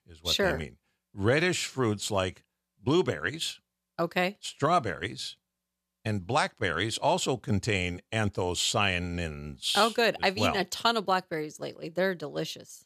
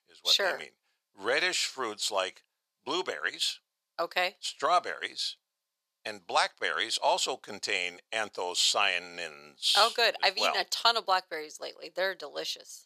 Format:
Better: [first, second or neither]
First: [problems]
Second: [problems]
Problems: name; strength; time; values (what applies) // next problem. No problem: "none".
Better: first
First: none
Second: thin; very; fading below 650 Hz